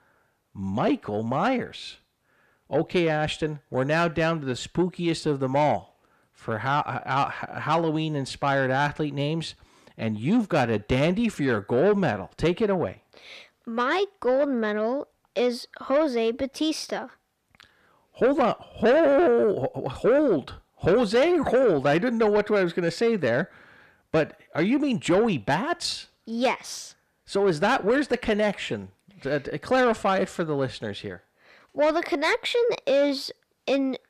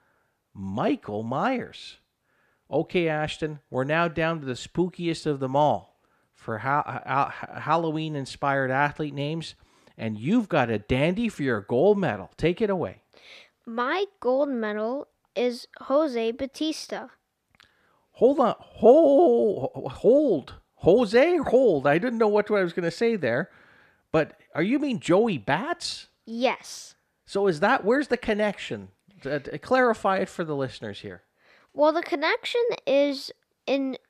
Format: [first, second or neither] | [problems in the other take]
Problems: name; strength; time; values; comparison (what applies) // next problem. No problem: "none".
second | distortion; slight; 10 dB below the speech